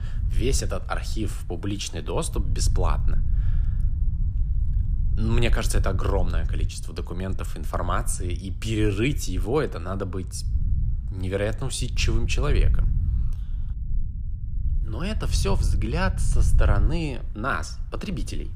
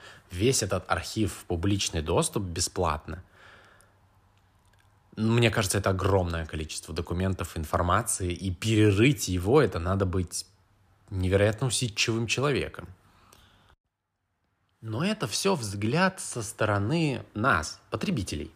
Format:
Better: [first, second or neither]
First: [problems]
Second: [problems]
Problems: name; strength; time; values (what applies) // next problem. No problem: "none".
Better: second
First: low rumble; noticeable; throughout; 15 dB below the speech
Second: none